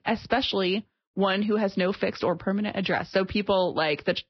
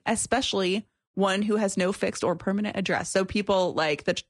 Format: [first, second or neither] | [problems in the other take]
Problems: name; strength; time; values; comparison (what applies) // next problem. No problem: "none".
second | garbled, watery; badly; nothing above 5 kHz; slightly in the second